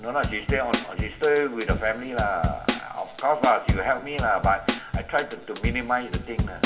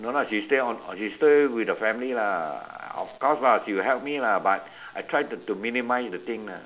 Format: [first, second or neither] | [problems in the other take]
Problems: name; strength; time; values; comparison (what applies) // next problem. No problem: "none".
second | background sound (Drum kit); 3 dB below the speech // room echo; dies away in 1.3 s